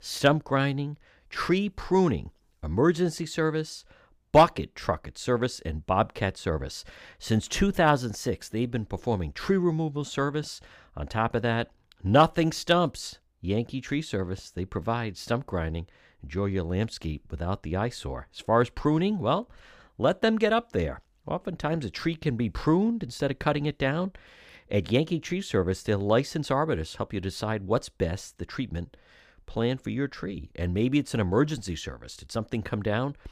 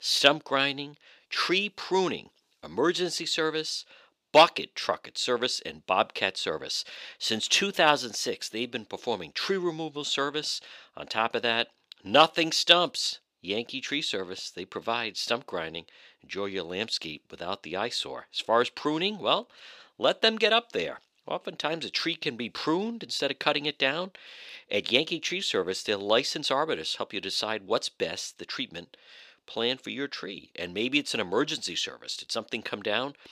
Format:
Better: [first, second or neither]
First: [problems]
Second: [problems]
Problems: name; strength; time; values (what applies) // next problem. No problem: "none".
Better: first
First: none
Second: thin; somewhat; fading below 350 Hz